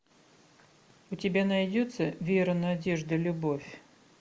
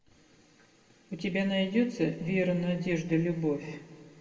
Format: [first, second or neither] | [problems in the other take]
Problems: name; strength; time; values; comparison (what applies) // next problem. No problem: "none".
first | room echo; dies away in 1.5 s